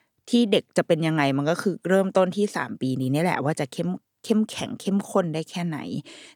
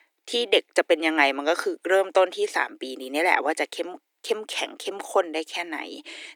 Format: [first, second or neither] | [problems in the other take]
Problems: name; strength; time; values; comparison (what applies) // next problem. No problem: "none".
first | thin; very; fading below 300 Hz